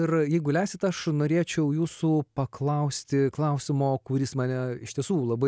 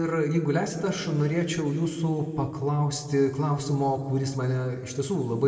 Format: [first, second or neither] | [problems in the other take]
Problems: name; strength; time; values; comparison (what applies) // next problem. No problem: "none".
first | room echo; dies away in 1.8 s